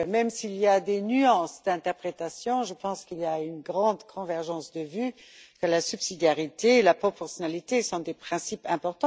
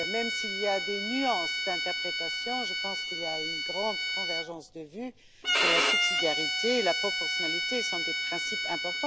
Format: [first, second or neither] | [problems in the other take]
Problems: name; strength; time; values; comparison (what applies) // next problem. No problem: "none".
first | background sound (Bowed string instrument); 4 dB above the speech